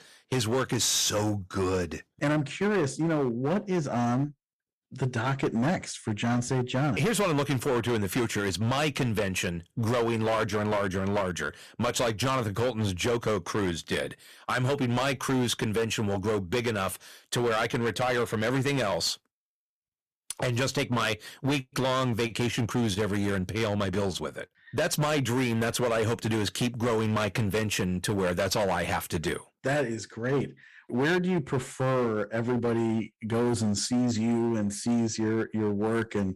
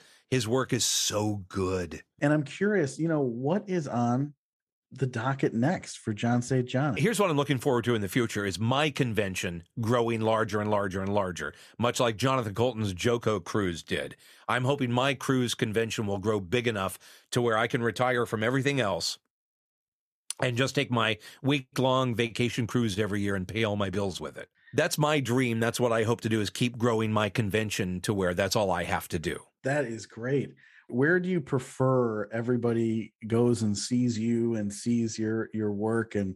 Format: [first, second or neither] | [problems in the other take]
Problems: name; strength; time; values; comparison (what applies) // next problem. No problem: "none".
second | distortion; heavy; 14% of the sound clipped